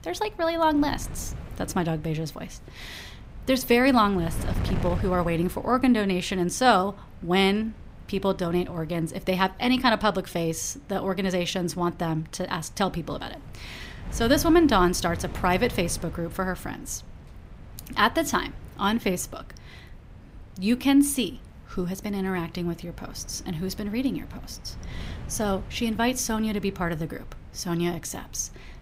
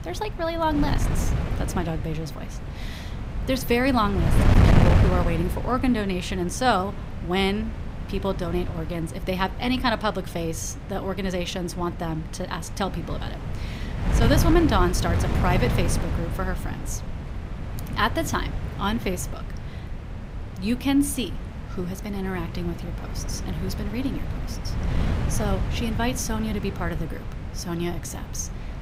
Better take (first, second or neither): first